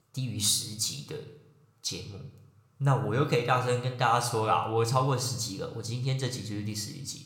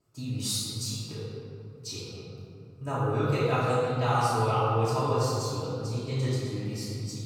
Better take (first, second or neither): first